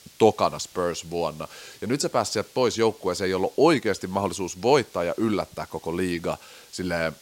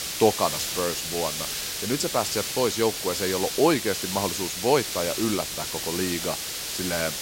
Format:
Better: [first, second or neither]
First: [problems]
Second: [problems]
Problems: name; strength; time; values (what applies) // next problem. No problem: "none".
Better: first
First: hiss; faint; throughout; 25 dB below the speech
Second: hiss; loud; throughout; 2 dB below the speech